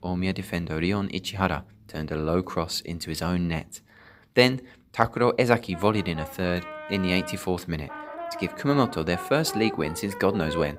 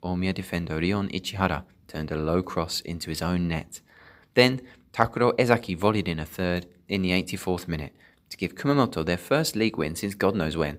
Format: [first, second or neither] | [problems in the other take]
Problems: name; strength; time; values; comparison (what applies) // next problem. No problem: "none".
second | background music; noticeable; throughout; 10 dB below the speech